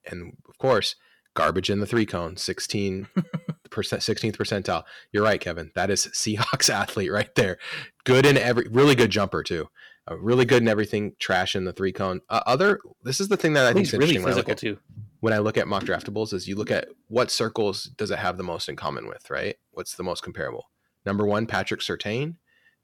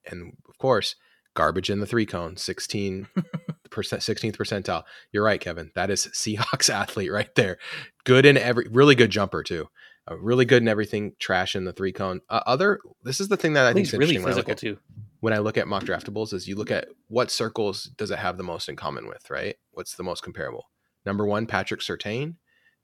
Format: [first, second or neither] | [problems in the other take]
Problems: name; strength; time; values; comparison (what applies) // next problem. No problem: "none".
second | distortion; slight; 1.8% of the sound clipped